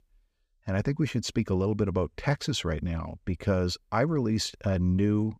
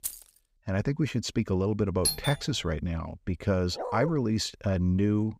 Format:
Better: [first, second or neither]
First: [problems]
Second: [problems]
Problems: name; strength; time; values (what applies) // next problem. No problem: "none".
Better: first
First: none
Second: jangling keys; noticeable; at the start; peak 7 dB below the speech // doorbell; loud; at 2 s; peak level with the speech // dog barking; noticeable; at 3.5 s; peak 7 dB below the speech